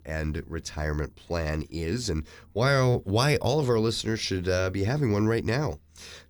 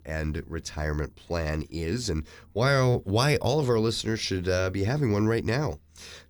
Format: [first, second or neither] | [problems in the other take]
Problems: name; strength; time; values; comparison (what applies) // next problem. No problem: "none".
neither | none